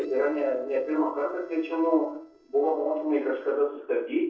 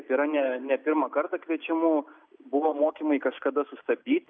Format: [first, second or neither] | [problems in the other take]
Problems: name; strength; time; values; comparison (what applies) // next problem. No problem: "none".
second | noise reduction (neural separator model SepFormer DNS4)